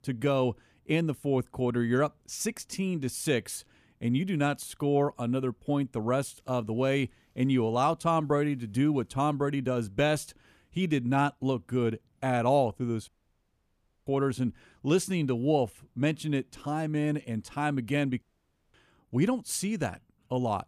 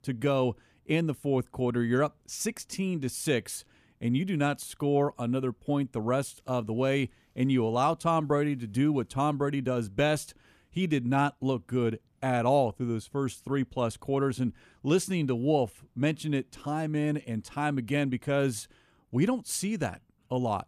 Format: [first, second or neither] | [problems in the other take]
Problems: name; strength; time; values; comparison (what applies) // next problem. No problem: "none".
second | audio cutting out; at 13 s for 1 s and at 18 s for 0.5 s